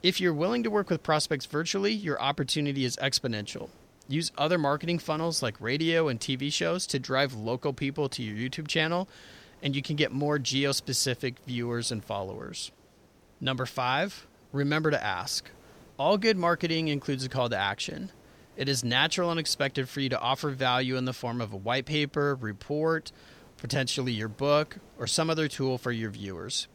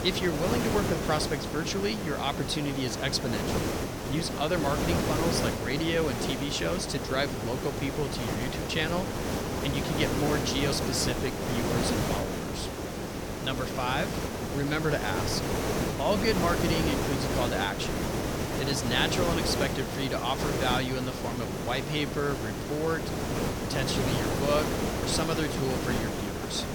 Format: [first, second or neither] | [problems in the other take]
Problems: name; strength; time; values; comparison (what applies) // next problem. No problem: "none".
first | hiss; loud; throughout; as loud as the speech; faint in the first